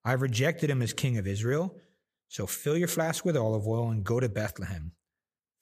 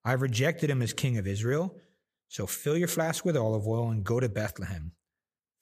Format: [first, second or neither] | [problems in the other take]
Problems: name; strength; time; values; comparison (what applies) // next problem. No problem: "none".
neither | none